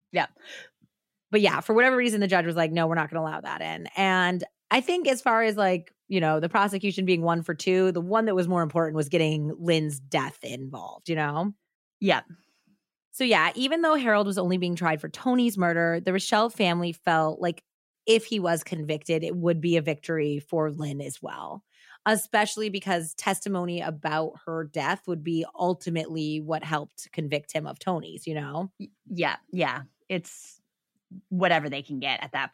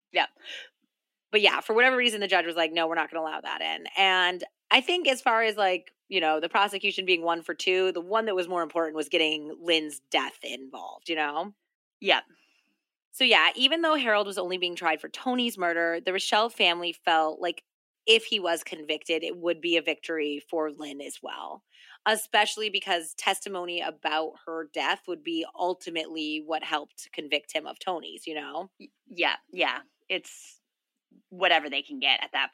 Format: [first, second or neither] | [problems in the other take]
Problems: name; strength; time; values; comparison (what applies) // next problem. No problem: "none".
first | thin; somewhat; fading below 250 Hz